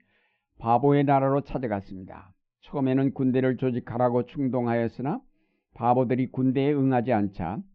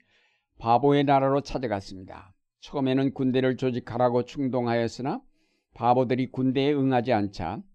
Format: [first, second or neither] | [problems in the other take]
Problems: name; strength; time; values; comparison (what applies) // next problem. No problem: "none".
second | muffled; very; fading above 2.5 kHz